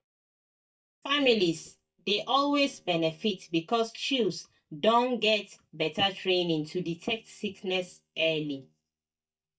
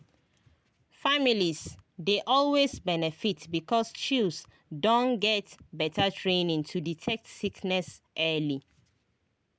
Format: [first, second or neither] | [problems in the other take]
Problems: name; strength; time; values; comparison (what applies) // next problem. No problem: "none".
second | noise reduction (neural mask model DeepFilterNet 3)